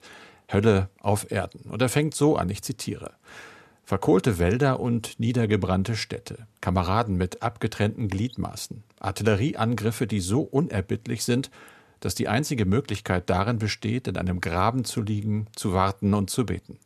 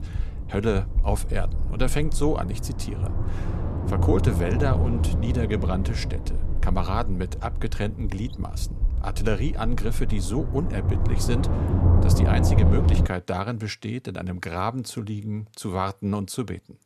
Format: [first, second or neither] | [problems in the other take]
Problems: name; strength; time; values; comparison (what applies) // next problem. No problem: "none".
first | low rumble; loud; until 13 s; 5 dB below the speech